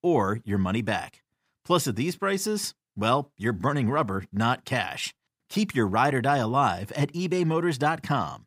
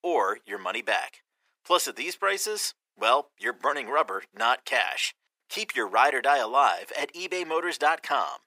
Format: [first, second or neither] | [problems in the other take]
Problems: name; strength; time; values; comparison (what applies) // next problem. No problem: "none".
first | thin; very; fading below 450 Hz